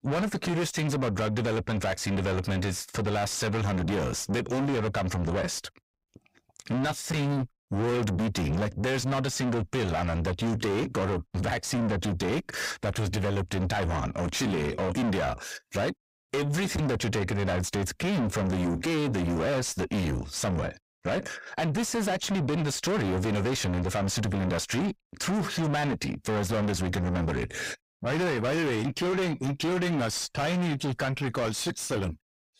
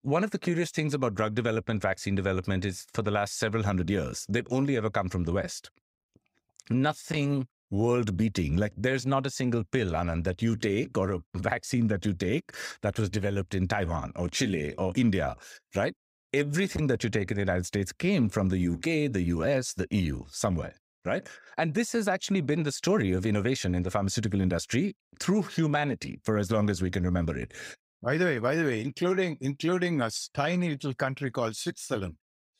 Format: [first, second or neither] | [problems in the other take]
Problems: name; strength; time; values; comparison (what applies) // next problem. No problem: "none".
second | distortion; heavy; 6 dB below the speech